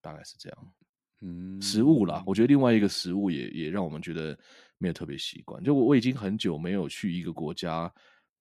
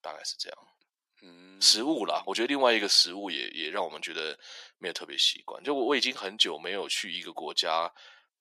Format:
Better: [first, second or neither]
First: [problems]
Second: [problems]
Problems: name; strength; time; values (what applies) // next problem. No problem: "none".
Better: first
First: none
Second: thin; very; fading below 500 Hz